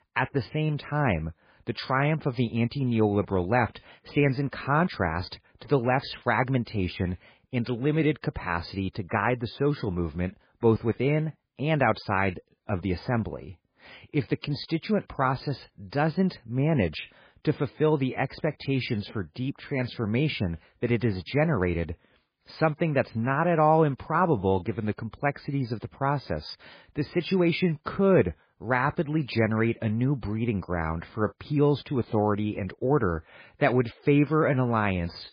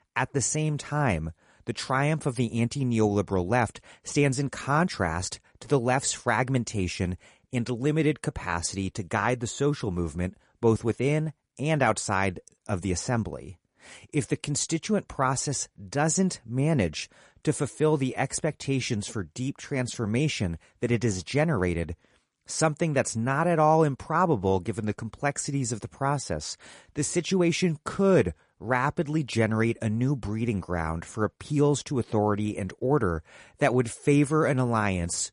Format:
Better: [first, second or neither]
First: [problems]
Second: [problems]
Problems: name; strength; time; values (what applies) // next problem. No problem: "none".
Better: second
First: garbled, watery; badly; nothing above 5 kHz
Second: garbled, watery; slightly; nothing above 10.5 kHz